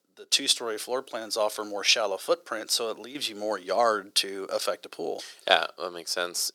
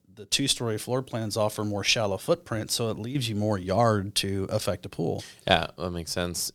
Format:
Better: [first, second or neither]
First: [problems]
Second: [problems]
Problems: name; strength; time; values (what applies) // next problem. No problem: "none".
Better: second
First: thin; very; fading below 400 Hz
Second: none